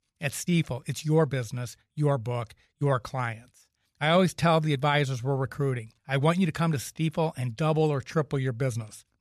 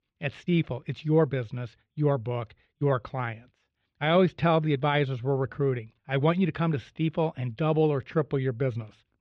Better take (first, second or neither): first